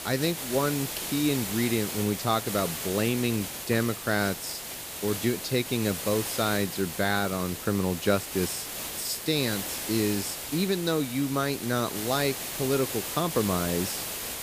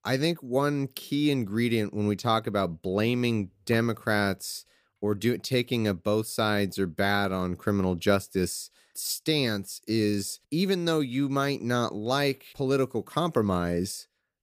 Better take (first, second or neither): second